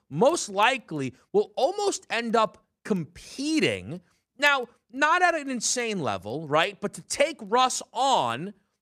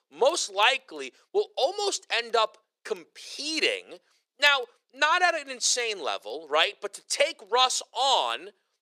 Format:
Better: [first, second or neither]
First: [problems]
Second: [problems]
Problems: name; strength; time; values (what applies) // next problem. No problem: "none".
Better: first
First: none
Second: thin; very; fading below 400 Hz